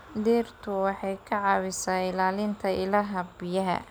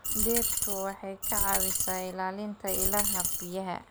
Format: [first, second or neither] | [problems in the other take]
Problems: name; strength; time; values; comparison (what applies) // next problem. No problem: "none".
first | background sound (Coin (dropping)); 4 dB above the speech